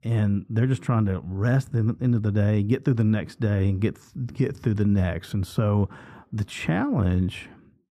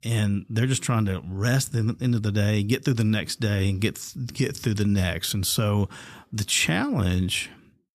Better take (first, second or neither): second